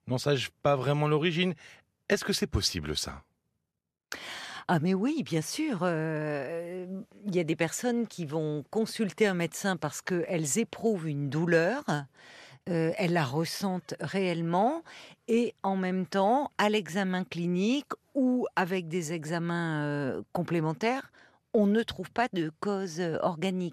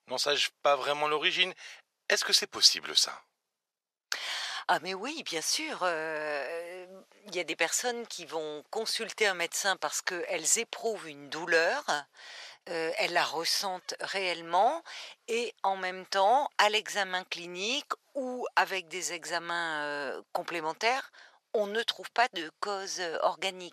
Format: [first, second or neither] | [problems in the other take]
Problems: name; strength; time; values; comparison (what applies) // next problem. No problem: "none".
first | thin; very; fading below 700 Hz